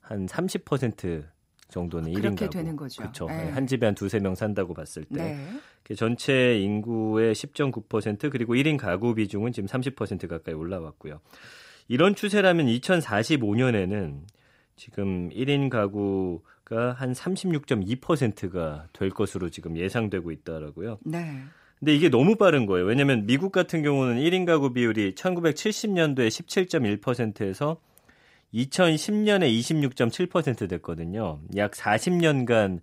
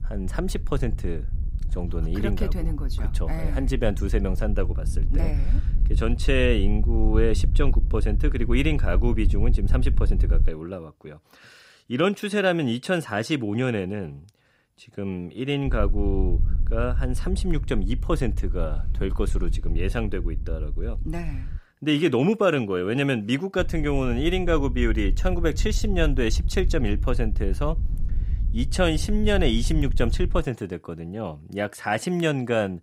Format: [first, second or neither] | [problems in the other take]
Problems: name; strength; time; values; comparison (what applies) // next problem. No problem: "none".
first | wind noise on the microphone; occasional gusts; until 10 s, from 16 to 22 s and from 24 to 30 s; 20 dB below the speech